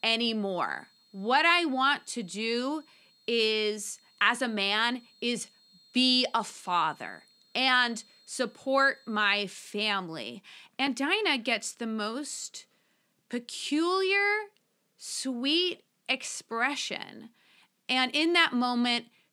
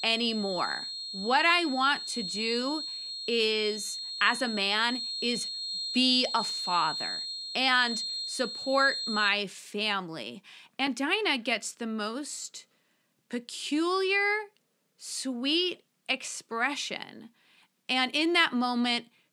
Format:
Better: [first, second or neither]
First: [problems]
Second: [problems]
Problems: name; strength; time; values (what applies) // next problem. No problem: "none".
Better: first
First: high-pitched whine; faint; until 9.5 s; 4 kHz, 30 dB below the speech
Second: high-pitched whine; loud; until 9.5 s; 4 kHz, 5 dB below the speech